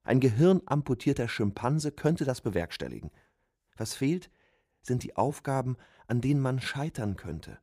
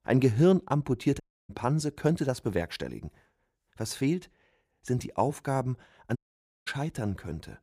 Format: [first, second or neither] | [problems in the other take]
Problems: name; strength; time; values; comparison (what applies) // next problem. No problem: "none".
first | audio cutting out; at 1 s and at 6 s for 0.5 s